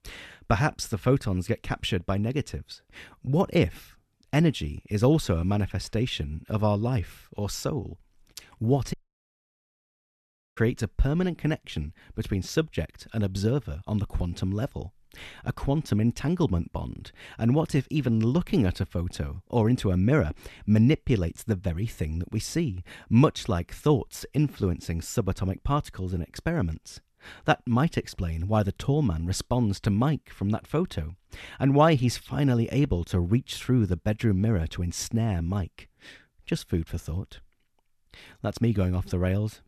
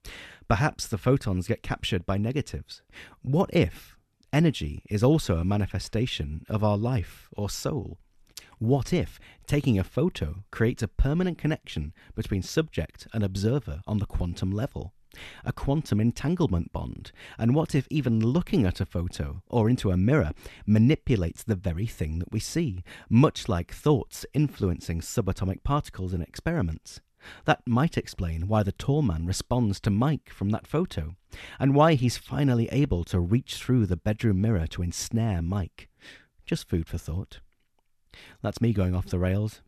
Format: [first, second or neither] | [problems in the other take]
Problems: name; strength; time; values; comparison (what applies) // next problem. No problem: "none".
second | audio cutting out; at 9 s for 1.5 s